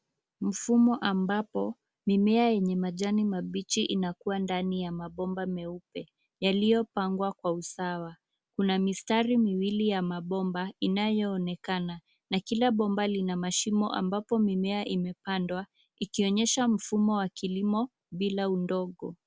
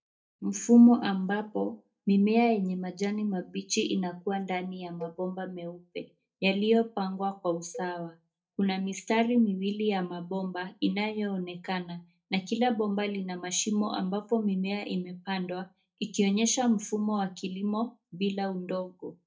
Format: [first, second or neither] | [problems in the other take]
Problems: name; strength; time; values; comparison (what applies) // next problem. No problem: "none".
first | noise reduction (neural mask model DeepFilterNet 3)